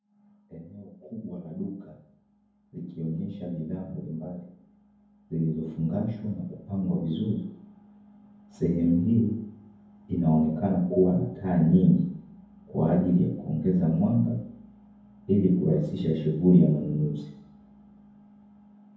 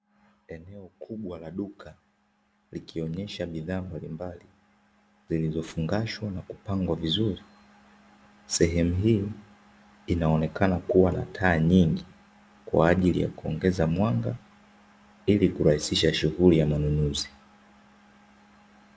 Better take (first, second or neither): second